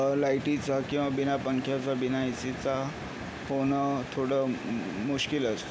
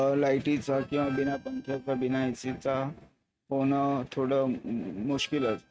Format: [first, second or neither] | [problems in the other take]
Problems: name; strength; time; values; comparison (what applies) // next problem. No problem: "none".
first | noise reduction (neural mask model RNNoise)